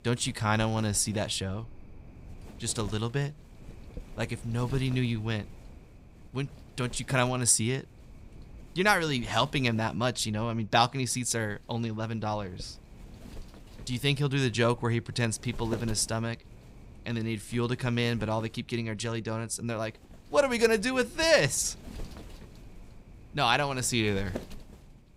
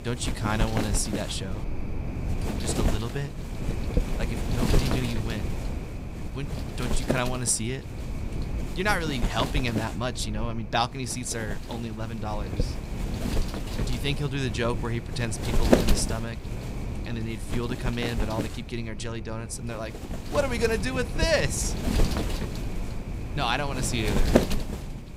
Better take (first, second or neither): first